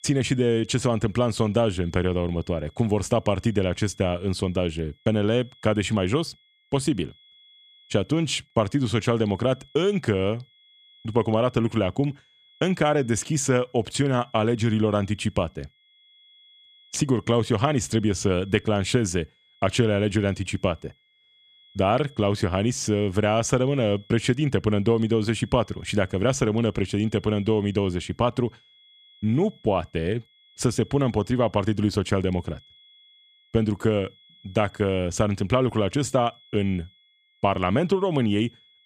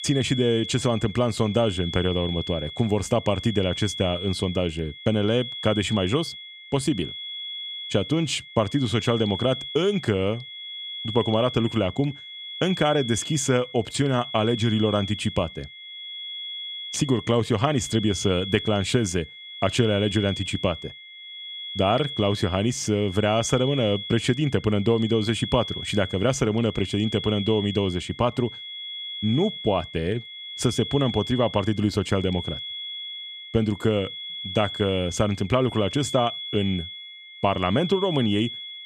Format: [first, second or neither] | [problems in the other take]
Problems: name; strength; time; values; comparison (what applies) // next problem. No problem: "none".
first | high-pitched whine; loud; throughout; 3.5 kHz, 9 dB below the speech; faint in the first